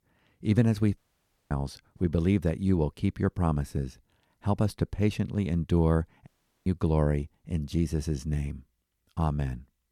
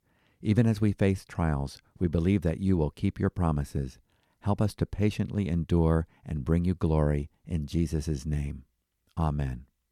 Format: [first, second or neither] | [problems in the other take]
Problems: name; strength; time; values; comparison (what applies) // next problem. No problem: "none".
second | audio cutting out; at 1 s for 0.5 s and at 6.5 s